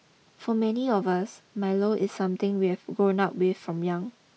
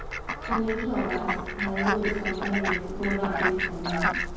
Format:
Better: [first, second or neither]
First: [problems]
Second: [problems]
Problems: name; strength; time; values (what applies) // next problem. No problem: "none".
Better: first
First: none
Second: background sound (Fowl); as loud as the speech // room echo; dies away in 1.2 s